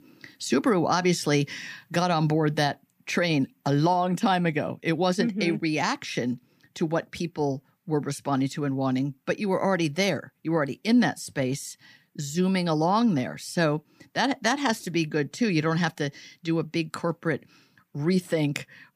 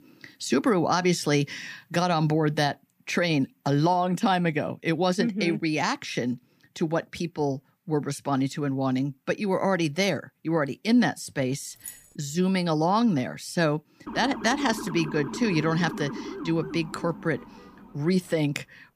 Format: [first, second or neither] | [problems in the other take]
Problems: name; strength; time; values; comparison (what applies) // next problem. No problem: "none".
first | jangling keys; faint; at 12 s; peak 15 dB below the speech // siren; noticeable; from 14 to 18 s; peak 9 dB below the speech